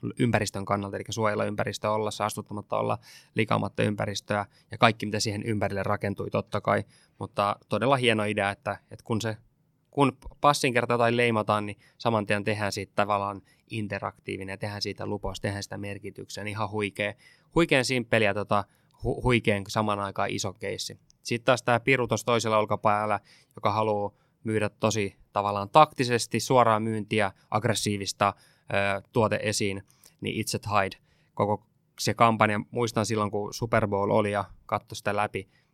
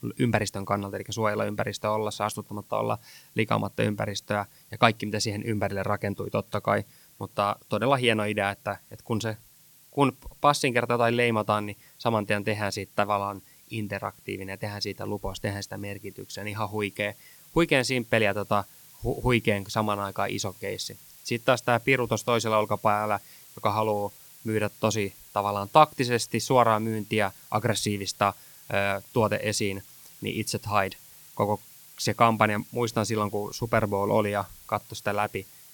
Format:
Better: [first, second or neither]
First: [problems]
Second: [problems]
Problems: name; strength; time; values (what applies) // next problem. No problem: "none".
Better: first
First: none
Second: hiss; faint; throughout; 20 dB below the speech